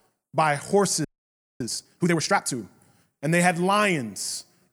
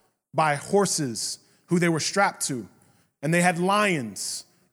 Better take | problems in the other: second | audio freezing; at 1 s for 0.5 s

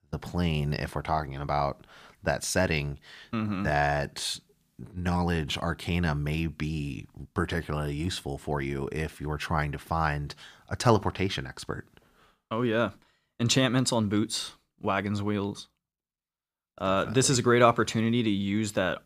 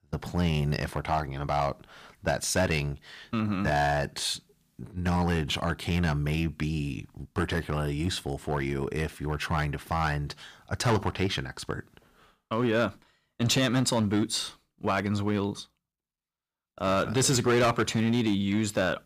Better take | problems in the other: first | distortion; slight; 4% of the sound clipped

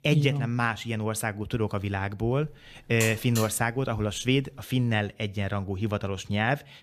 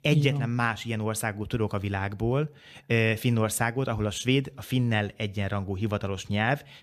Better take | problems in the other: second | alarm; noticeable; from 2.5 to 4.5 s; peak 5 dB below the speech

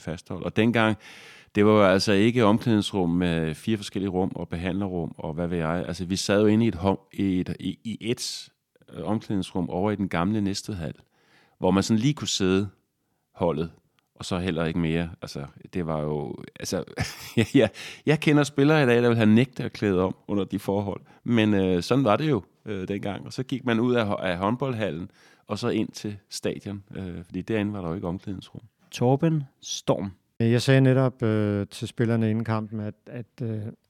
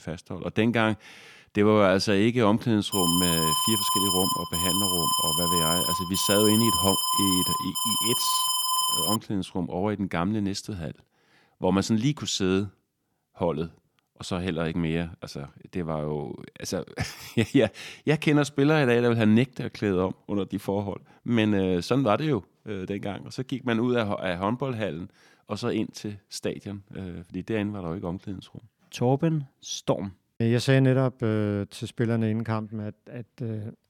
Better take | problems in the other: first | alarm; loud; from 3 to 9 s; peak 4 dB above the speech

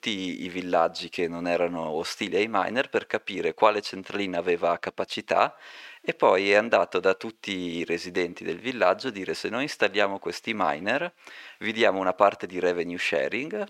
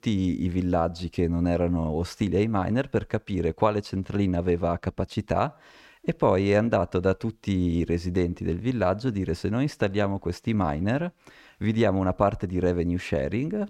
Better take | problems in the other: second | thin; somewhat; fading below 450 Hz

